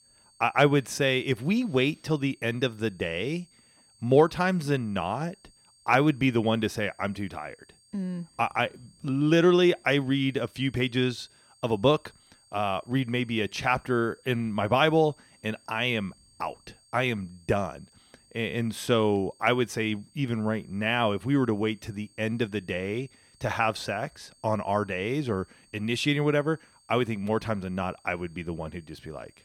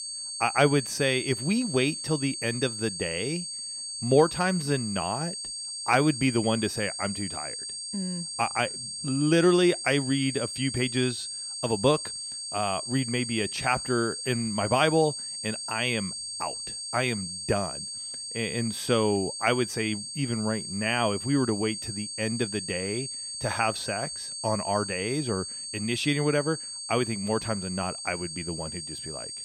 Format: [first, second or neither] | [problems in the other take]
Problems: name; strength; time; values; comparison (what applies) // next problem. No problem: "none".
first | high-pitched whine; loud; throughout; 4.5 kHz, 5 dB below the speech; faint in the first